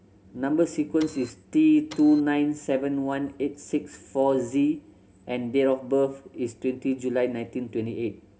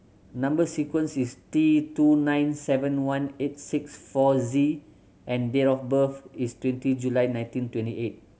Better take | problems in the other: second | background sound (Printer); 18 dB below the speech // room echo; dies away in 0.3 s

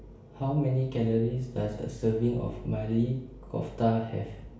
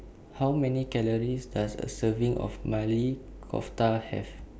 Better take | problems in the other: second | room echo; dies away in 0.6 s

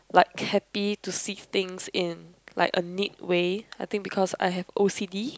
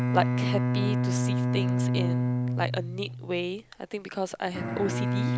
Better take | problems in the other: first | background sound (Bowed string instrument); 5 dB above the speech

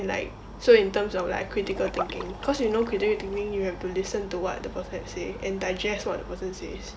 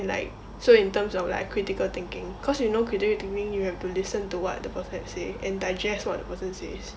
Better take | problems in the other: second | background sound (Liquid); 11 dB below the speech

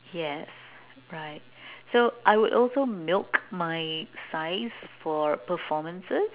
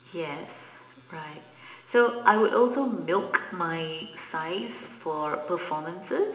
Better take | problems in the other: first | room echo; dies away in 0.8 s

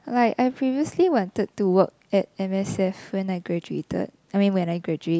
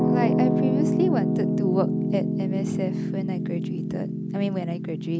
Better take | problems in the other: first | background sound (Piano); 5 dB above the speech

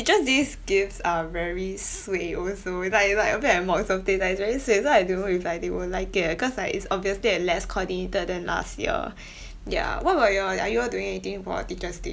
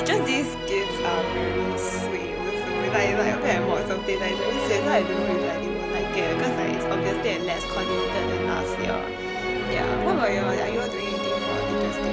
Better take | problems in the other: first | background sound (Musical instrument); 2 dB above the speech

